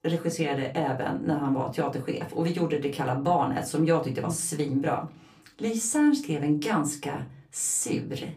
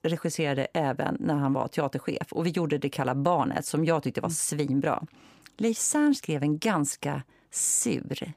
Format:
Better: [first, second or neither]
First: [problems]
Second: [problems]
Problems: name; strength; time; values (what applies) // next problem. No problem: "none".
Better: second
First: off-mic speech; far // room echo; very slight; dies away in 0.2 s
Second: none